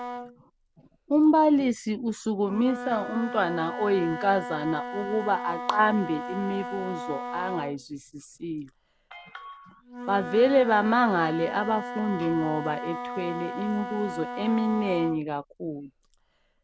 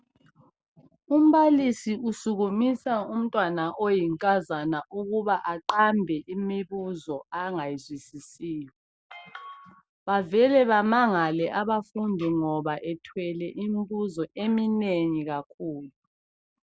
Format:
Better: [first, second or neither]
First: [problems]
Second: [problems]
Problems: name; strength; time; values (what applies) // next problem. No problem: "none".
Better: second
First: background sound (Wind instrument, woodwind instrument); 10 dB below the speech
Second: none